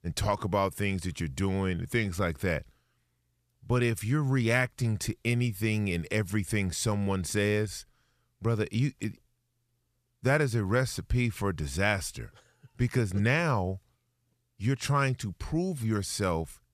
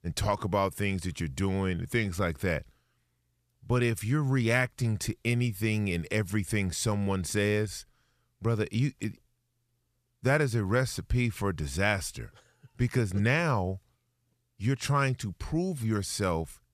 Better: neither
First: none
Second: none

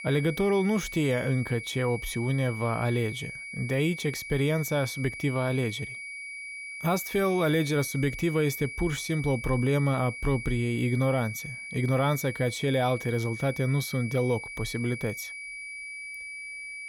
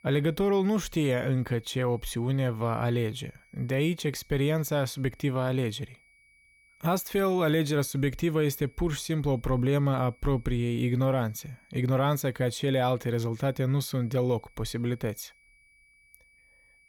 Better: second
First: high-pitched whine; loud; throughout; 2.5 kHz, 9 dB below the speech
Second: high-pitched whine; faint; throughout; 2.5 kHz, 30 dB below the speech

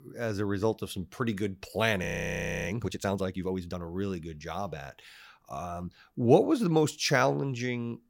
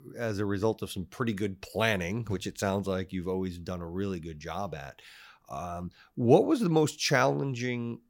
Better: second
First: audio freezing; at 2 s for 0.5 s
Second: none

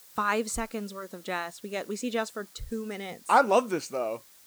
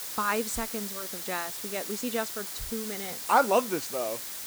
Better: first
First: hiss; faint; throughout; 25 dB below the speech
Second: hiss; loud; throughout; 4 dB below the speech

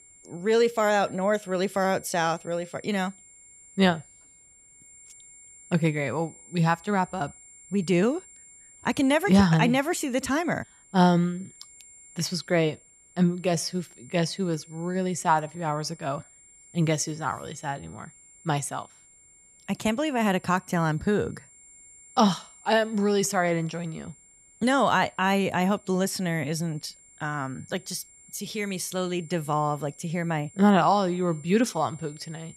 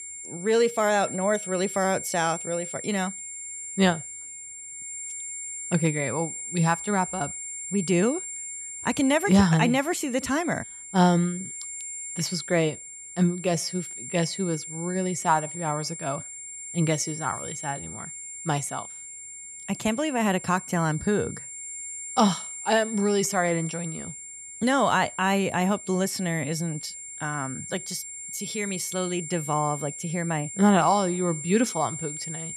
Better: first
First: high-pitched whine; faint; throughout; 7.5 kHz, 25 dB below the speech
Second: high-pitched whine; loud; throughout; 7.5 kHz, 9 dB below the speech

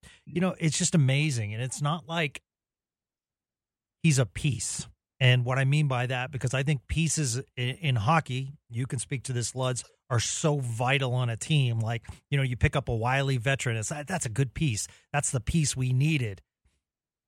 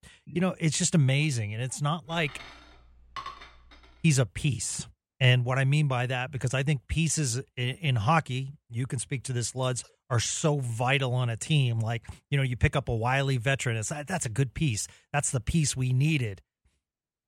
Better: first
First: none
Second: clattering dishes; faint; from 2 to 4 s; peak 10 dB below the speech

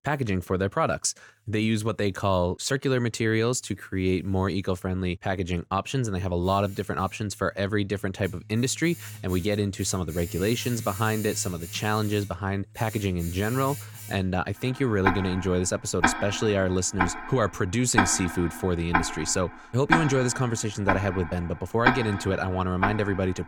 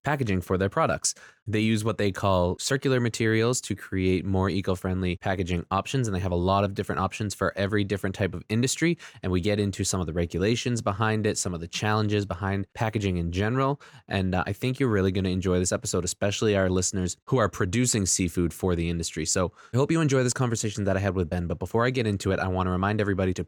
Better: second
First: household noises; loud; throughout; 5 dB below the speech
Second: none

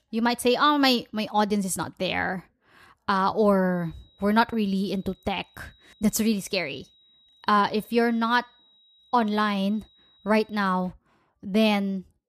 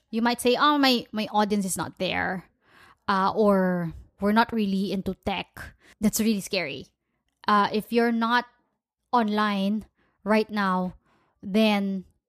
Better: second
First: high-pitched whine; faint; from 4 to 11 s; 4 kHz, 35 dB below the speech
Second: none

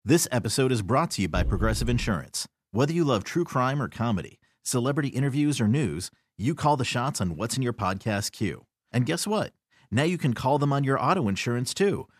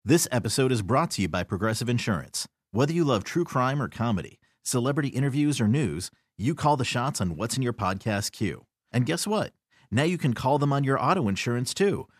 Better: second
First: dog barking; noticeable; at 1.5 s; peak 4 dB below the speech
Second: none

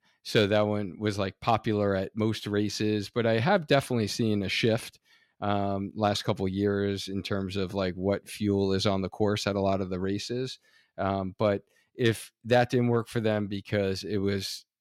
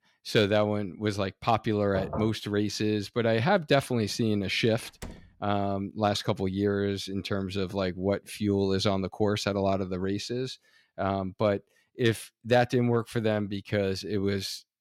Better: first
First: none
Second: door banging; noticeable; at 2 s; peak 7 dB below the speech // door banging; faint; at 5 s; peak 15 dB below the speech

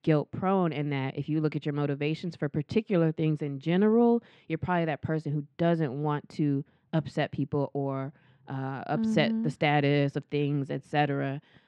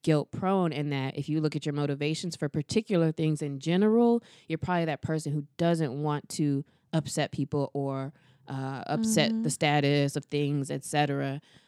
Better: second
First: muffled; slightly; fading above 2.5 kHz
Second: none

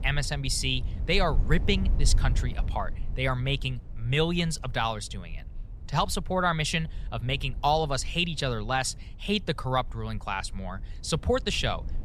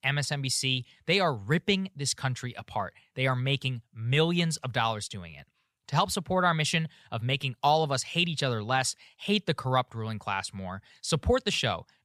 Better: second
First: low rumble; faint; throughout; 25 dB below the speech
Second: none

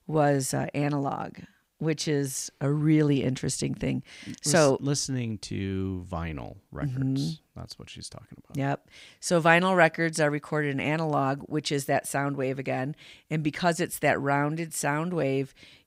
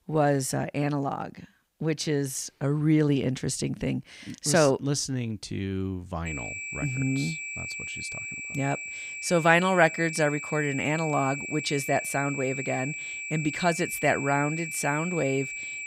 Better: first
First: none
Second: high-pitched whine; loud; from 6.5 s on; 2.5 kHz, 7 dB below the speech

